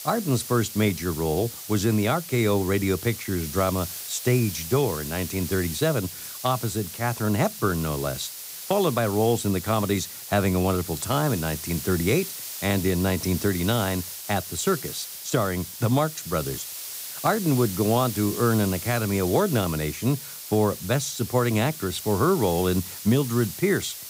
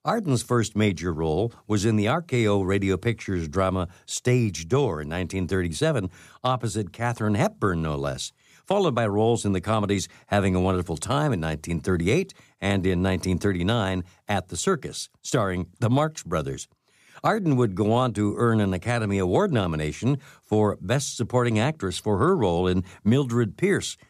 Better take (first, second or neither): second